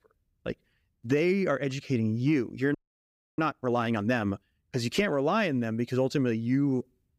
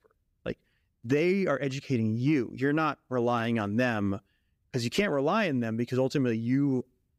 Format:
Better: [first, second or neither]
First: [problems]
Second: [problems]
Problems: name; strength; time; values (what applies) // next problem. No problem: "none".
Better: second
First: audio freezing; at 3 s for 0.5 s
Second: none